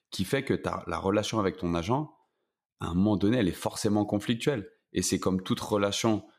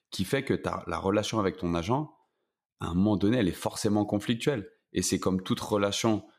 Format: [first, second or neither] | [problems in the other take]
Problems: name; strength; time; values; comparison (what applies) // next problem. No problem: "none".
neither | none